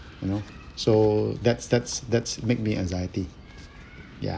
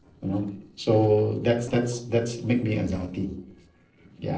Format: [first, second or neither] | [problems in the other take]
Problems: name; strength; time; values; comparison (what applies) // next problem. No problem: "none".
first | noise reduction (neural separator model SepFormer DNS4)